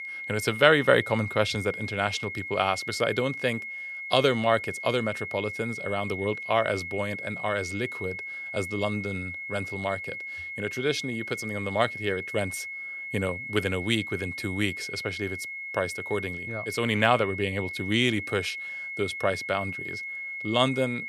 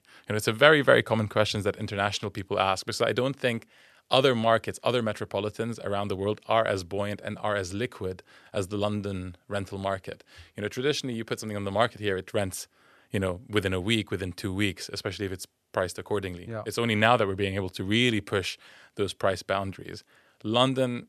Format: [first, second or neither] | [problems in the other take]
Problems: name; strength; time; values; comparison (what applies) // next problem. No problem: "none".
second | high-pitched whine; loud; throughout; 2 kHz, 6 dB below the speech